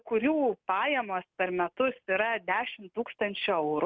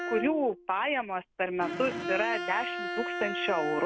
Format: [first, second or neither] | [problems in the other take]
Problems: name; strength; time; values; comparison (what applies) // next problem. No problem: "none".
first | background sound (Bowed string instrument); 5 dB below the speech